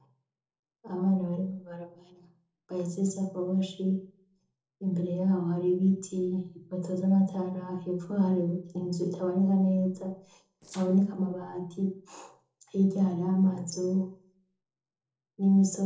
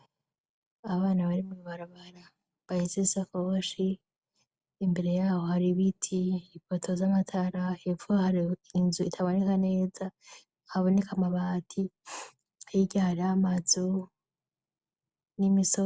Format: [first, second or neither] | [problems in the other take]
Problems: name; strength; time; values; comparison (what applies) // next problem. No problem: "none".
second | noise reduction (neural separator model SepFormer DNS4)